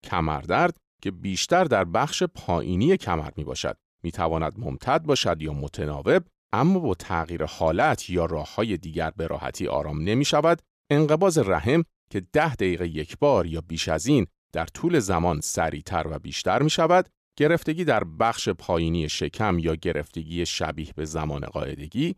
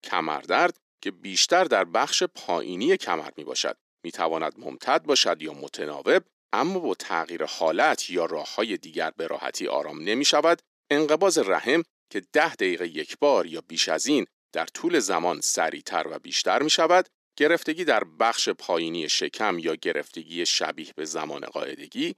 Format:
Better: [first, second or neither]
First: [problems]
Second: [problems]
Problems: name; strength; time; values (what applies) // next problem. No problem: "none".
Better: first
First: none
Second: thin; somewhat; fading below 250 Hz